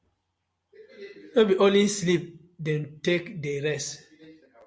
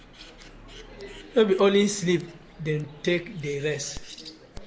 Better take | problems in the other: first | background sound (Scissors + Bird); 18 dB below the speech

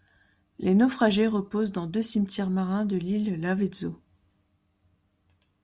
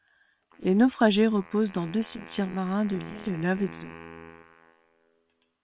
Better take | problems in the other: first | noise reduction (neural separator model SepFormer WHAM!)

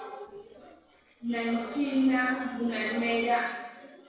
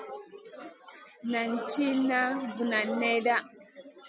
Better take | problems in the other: second | noise reduction (neural separator model SepFormer DNS4)

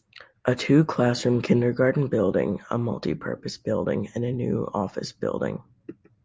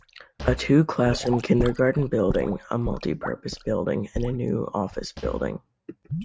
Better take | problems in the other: first | noise reduction (neural mask model RNNoise)

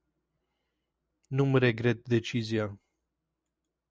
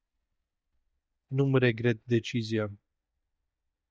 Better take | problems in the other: first | noise reduction (neural mask model DeepFilterNet 3)

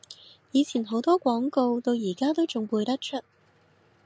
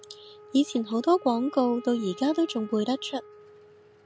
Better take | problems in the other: first | background sound (Wind instrument, woodwind instrument); 20 dB below the speech

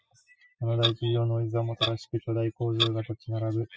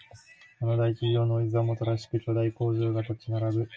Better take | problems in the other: second | noise reduction (classical method spectral subtraction)

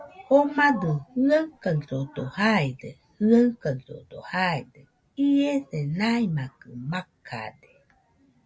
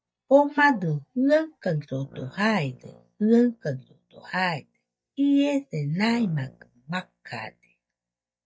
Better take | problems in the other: first | noise reduction (neural mask model DeepFilterNet 3)

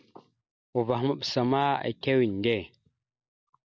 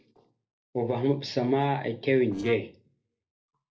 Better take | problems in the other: first | noise reduction (neural separator model SepFormer DNS4)

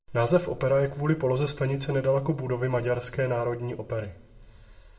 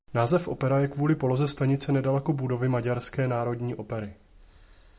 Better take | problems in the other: second | room echo; dies away in 0.5 s

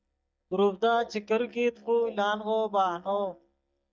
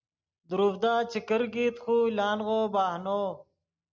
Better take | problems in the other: second | noise reduction (neural mask model DeepFilterNet 3)

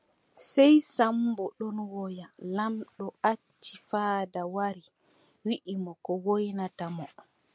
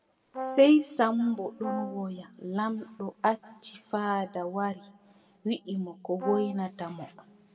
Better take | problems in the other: first | background sound (Brass instrument); 9 dB below the speech // room echo; dies away in 1.7 s

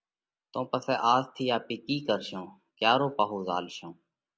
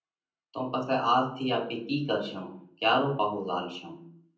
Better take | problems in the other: first | room echo; dies away in 0.6 s

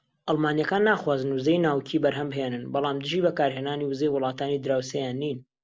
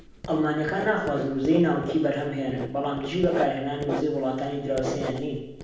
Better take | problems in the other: first | background sound (Writing); 10 dB below the speech // room echo; dies away in 0.9 s

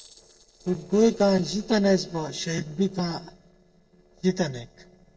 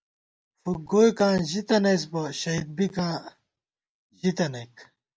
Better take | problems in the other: second | noise reduction (neural separator model SepFormer DNS4)

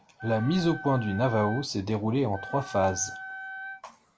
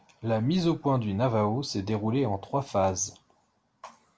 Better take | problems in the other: second | background sound (Wind instrument, woodwind instrument); 13 dB below the speech

